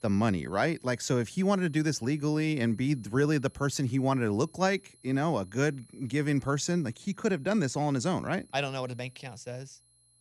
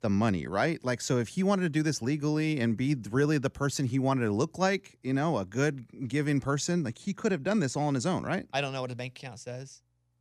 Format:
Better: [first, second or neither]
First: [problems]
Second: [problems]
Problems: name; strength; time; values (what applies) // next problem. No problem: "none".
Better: second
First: high-pitched whine; faint; throughout; 10.5 kHz, 30 dB below the speech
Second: none